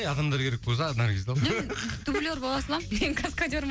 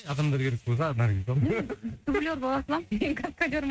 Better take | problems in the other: first | noise reduction (neural mask model RNNoise)

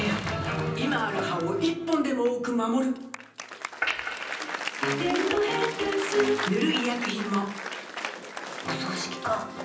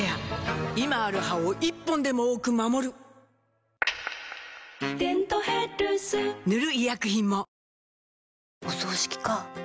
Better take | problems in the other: second | background sound (Applause); 8 dB below the speech // room echo; dies away in 0.6 s

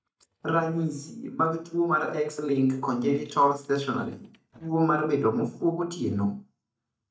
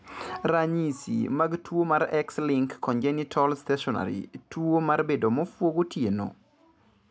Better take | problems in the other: second | noise reduction (neural mask model DeepFilterNet 3)

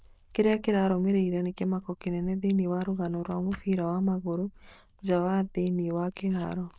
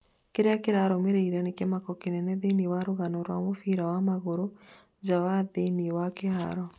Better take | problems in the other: second | noise reduction (neural diffusion model UNIVERSE++)

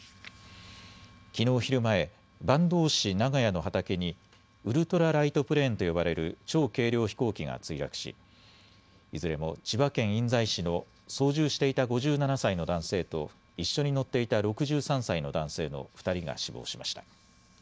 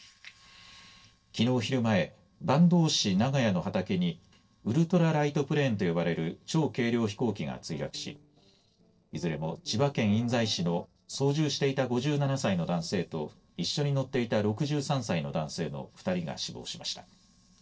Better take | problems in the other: first | noise reduction (neural separator model SepFormer DNS4)

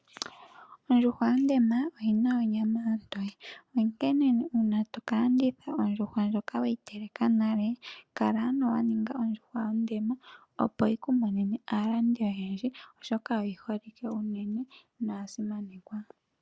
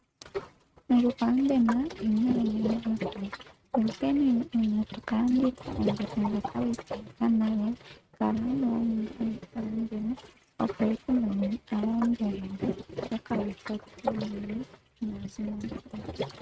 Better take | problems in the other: first | noise reduction (neural mask model RNNoise)

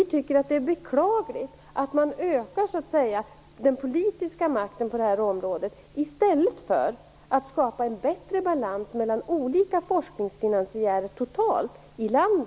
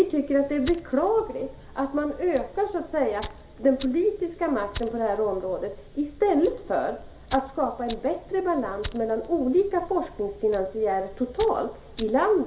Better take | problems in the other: first | background sound (Fire); 17 dB below the speech // room echo; dies away in 1.7 s

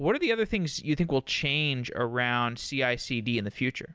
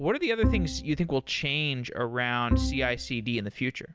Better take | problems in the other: first | background sound (Bowed string instrument); 2 dB below the speech

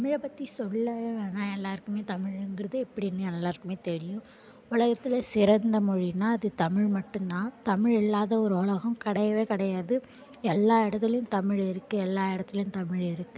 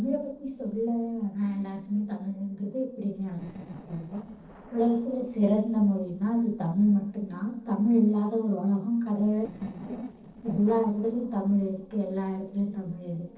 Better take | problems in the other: first | noise reduction (neural separator model SepFormer DNS4)

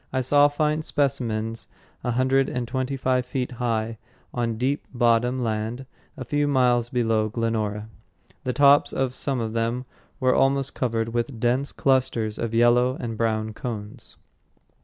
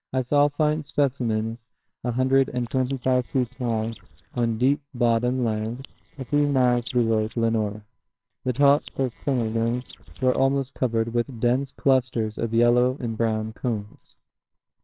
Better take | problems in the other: first | noise reduction (neural separator model SepFormer WHAMR!)

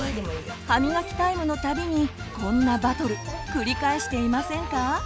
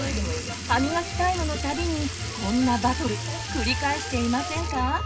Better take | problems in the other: first | background sound (Sink (filling or washing) / Liquid); 11 dB below the speech // room echo; dies away in 0.2 s

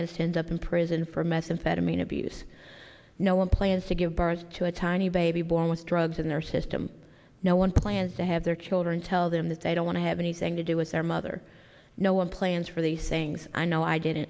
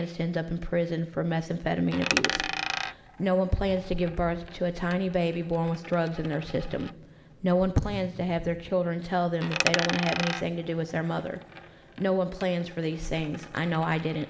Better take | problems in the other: first | background sound (Coin (dropping)); 9 dB below the speech // room echo; dies away in 3 s

